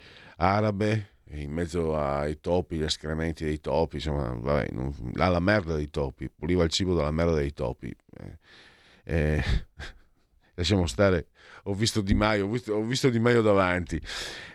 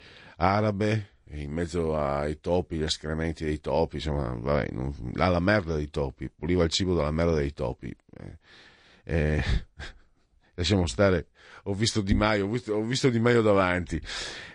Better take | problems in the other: first | garbled, watery; slightly; nothing above 8 kHz

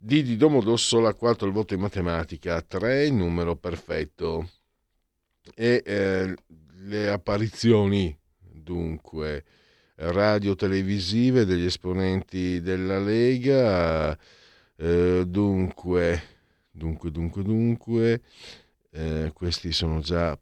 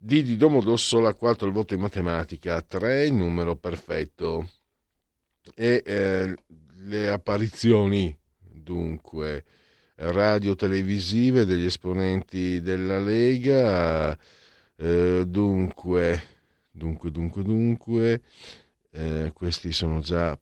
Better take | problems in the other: first | garbled, watery; slightly

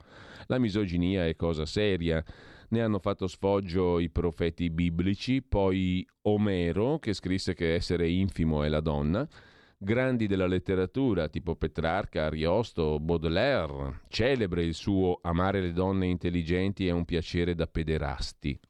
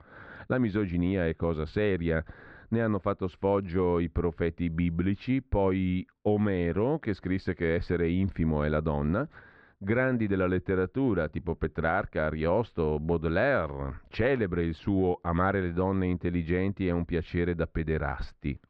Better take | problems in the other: first | muffled; very; fading above 2 kHz

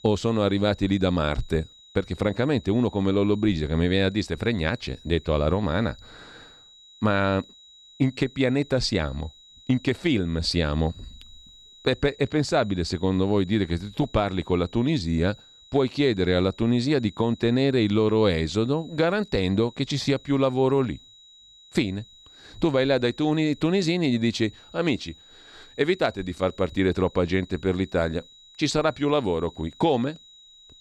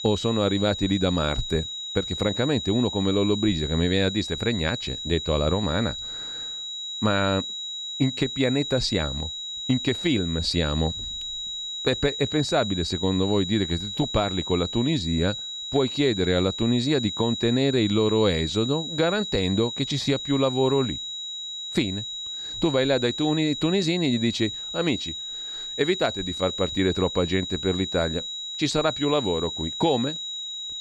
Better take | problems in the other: first | high-pitched whine; loud; throughout; 4 kHz, 5 dB below the speech; faint in the first

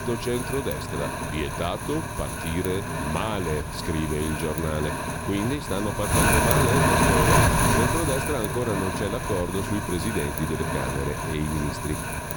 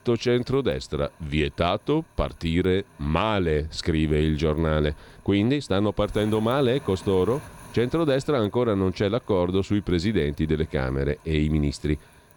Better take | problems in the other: second | wind noise on the microphone; heavy; 5 dB above the speech; occasional gusts in the second

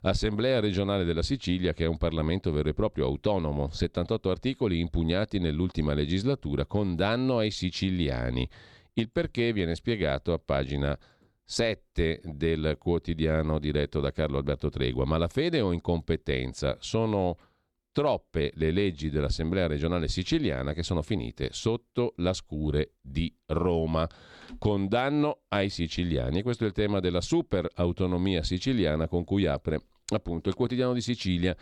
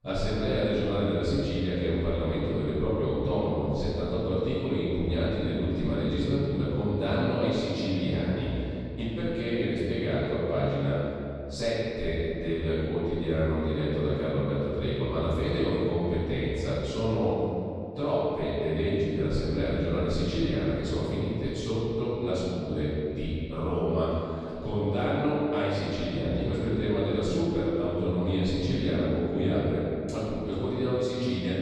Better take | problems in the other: first | off-mic speech; far // room echo; strong; dies away in 2.6 s

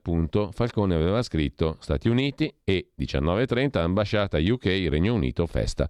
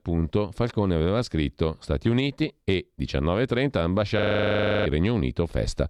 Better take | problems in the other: first | audio freezing; at 4 s for 0.5 s

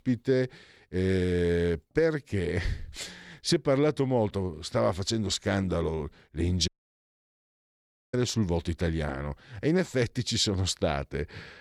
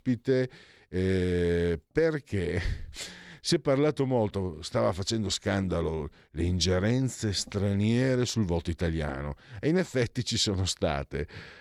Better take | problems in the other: second | audio cutting out; at 6.5 s for 1.5 s

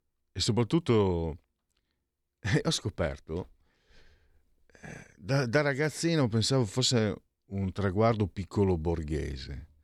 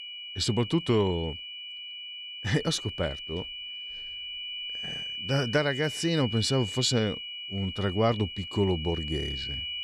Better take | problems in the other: first | high-pitched whine; loud; throughout; 3 kHz, 7 dB below the speech

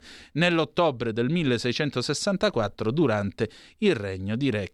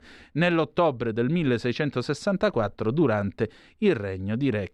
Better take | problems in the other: first | muffled; slightly; fading above 3 kHz

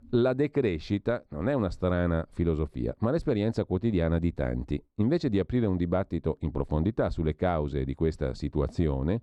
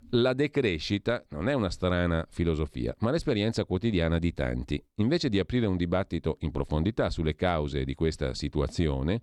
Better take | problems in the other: second | muffled; slightly; fading above 2 kHz

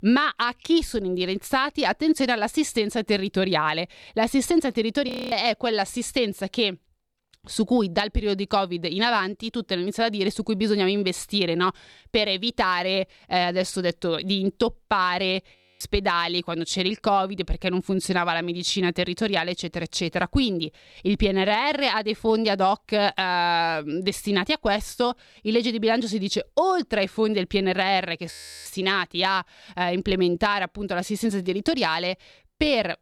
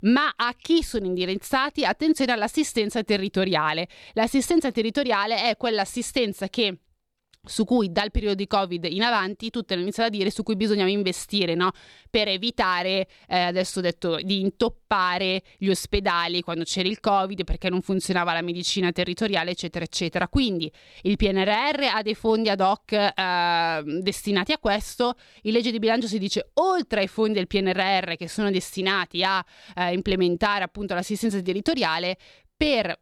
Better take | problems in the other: second | audio freezing; at 5 s, at 16 s and at 28 s

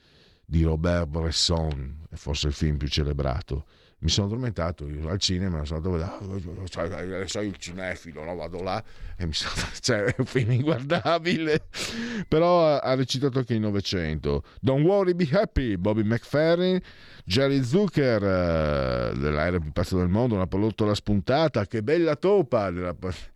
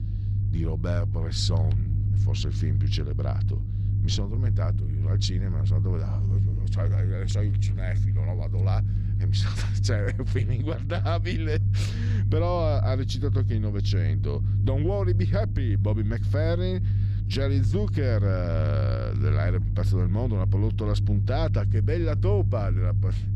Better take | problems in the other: first | low rumble; loud; throughout; 6 dB below the speech

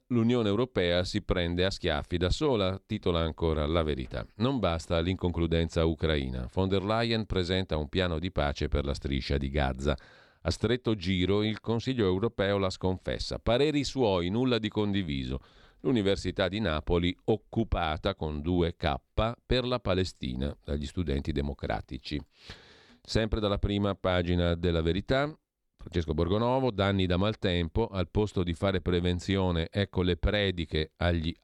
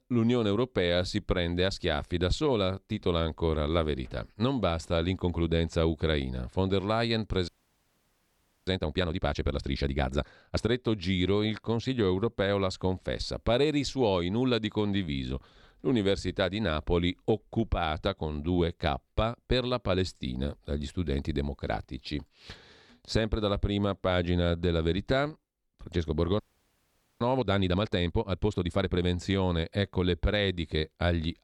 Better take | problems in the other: first | audio freezing; at 7.5 s for 1 s and at 26 s for 1 s

